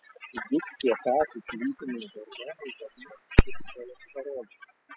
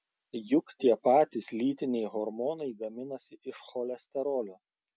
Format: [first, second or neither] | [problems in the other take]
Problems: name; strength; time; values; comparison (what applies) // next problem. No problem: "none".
second | noise reduction (classical method spectral subtraction)